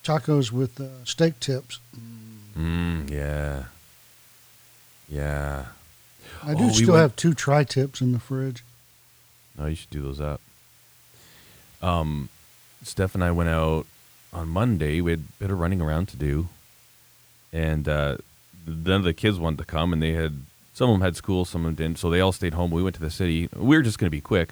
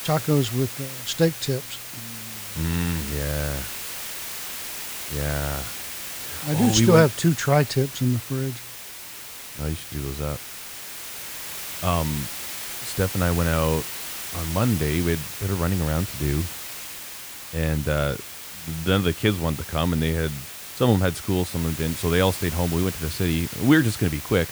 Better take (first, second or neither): first